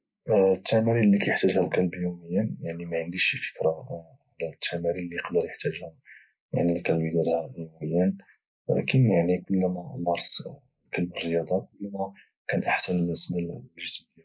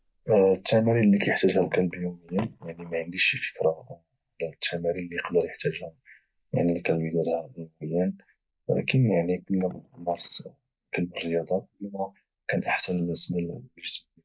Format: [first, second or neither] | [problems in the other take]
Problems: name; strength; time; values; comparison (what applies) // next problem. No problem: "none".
first | noise reduction (neural mask model DeepFilterNet 3)